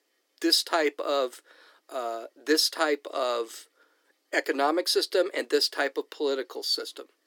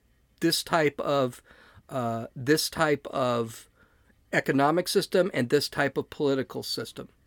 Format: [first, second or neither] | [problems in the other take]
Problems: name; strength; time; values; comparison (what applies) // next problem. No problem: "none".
second | thin; somewhat; fading below 300 Hz